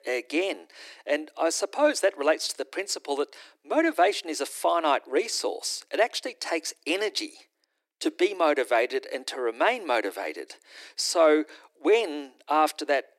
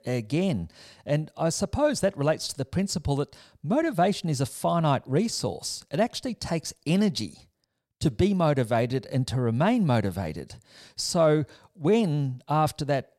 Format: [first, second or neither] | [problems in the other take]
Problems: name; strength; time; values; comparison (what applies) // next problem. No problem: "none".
second | thin; very; fading below 300 Hz